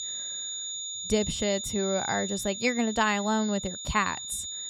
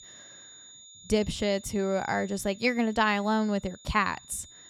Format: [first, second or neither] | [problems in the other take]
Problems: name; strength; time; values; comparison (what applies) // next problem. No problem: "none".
second | high-pitched whine; loud; throughout; 7 kHz, 5 dB below the speech; faint in the second